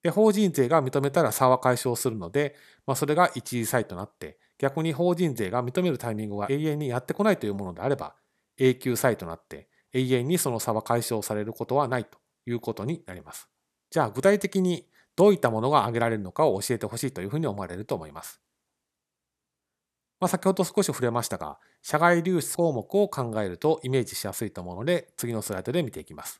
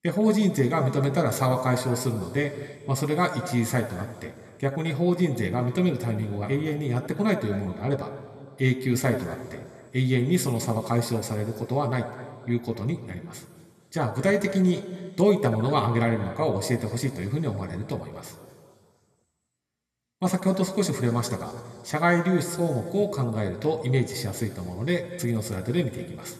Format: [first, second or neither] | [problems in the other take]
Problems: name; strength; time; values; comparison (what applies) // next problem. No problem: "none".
first | room echo; slight; dies away in 2 s